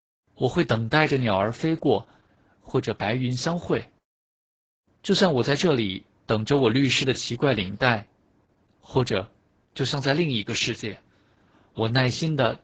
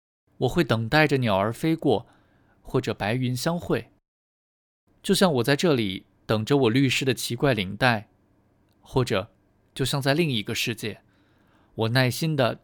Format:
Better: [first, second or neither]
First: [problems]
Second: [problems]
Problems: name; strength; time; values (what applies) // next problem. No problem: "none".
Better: second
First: garbled, watery; badly; nothing above 7.5 kHz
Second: none